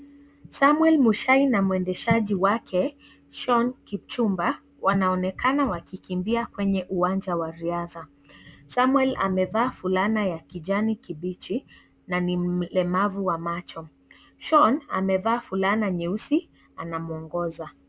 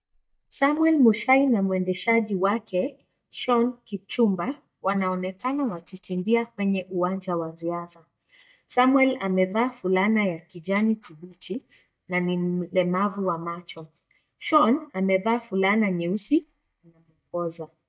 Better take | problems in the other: first | noise reduction (neural mask model DeepFilterNet 3)

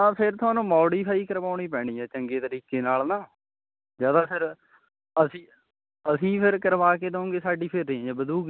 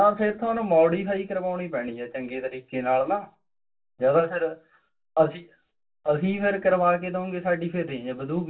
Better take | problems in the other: first | room echo; dies away in 0.2 s

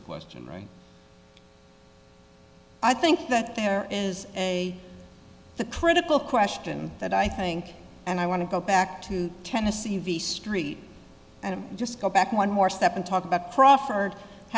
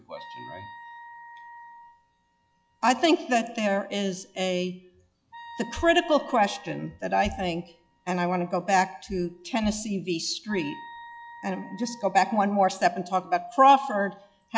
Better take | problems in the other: first | noise reduction (classical method log-MMSE)

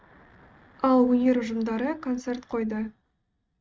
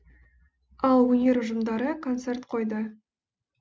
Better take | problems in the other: second | noise reduction (neural mask model RNNoise)

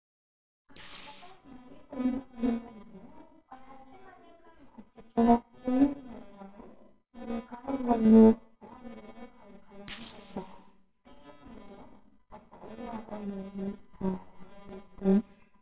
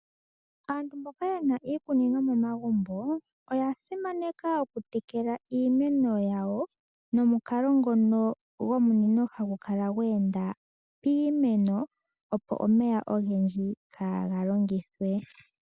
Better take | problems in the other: second | noise reduction (neural separator model SepFormer WHAMR!)

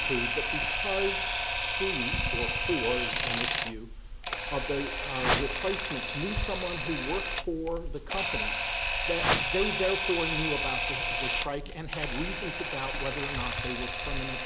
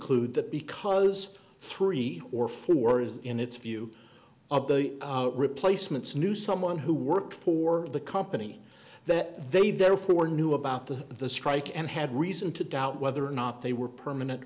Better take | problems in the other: second | background sound (Camera + Whoosh, swoosh, swish); 4 dB above the speech

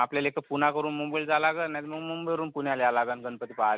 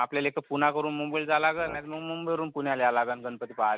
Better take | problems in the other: first | noise reduction (neural mask model DeepFilterNet 3)

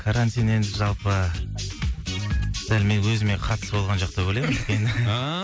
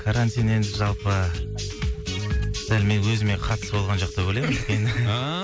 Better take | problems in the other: first | background sound (Telephone); 18 dB below the speech

